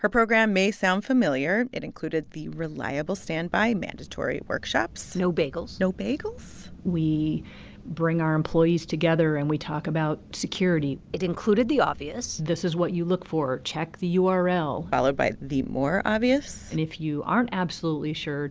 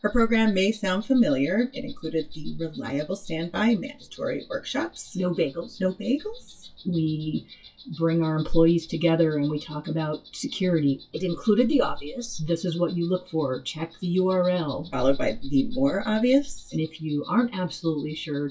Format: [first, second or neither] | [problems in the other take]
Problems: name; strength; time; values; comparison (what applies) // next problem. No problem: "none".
first | noise reduction (classical method WPE with log-MMSE)